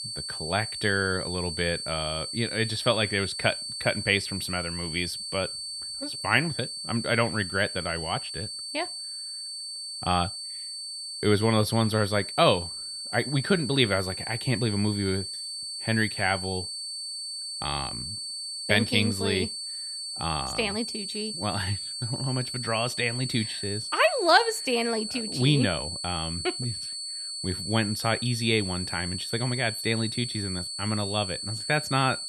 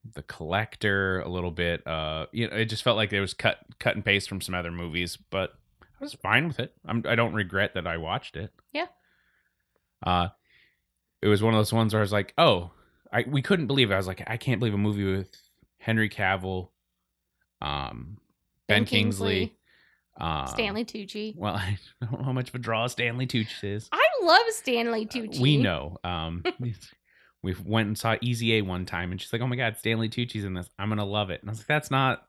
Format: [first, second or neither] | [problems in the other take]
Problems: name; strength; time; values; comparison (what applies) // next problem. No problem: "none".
second | high-pitched whine; loud; throughout; 4.5 kHz, 5 dB below the speech